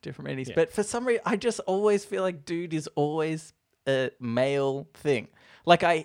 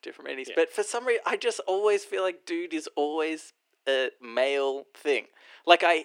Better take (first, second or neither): first